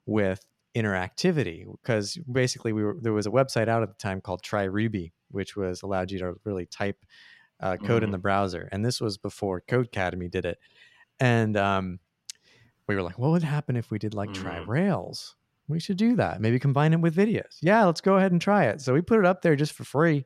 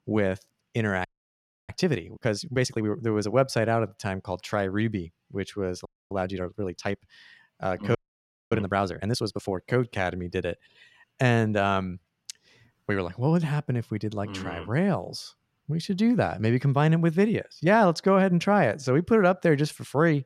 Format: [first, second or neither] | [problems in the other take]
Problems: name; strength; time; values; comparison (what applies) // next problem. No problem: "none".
first | audio freezing; at 1 s for 0.5 s, at 6 s and at 8 s for 0.5 s